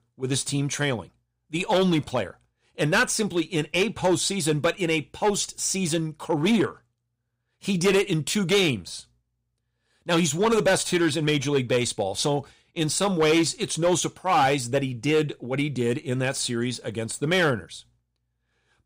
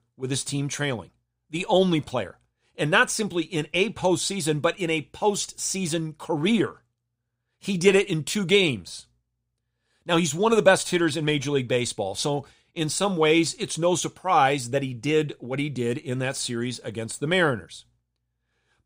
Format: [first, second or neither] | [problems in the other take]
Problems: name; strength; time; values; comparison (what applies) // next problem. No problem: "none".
second | distortion; slight; 5% of the sound clipped